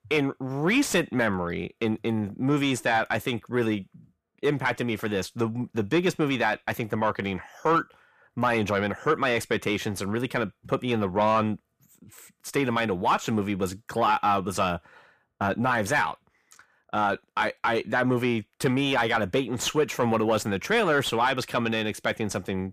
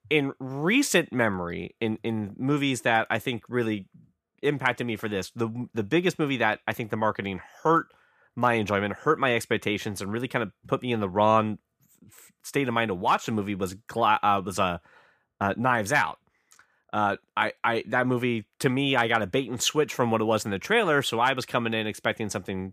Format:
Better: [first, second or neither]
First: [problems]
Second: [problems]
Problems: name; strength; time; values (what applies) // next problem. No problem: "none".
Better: second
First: distortion; slight; 10 dB below the speech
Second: none